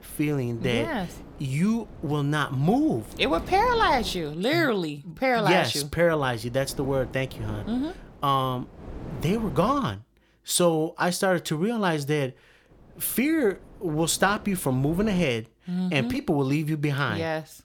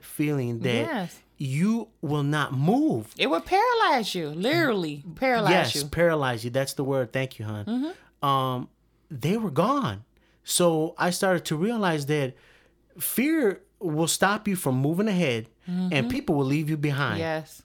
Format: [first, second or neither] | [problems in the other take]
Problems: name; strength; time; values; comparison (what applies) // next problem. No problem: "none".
second | wind noise on the microphone; occasional gusts; until 4.5 s, from 6 to 10 s and from 13 to 15 s; 20 dB below the speech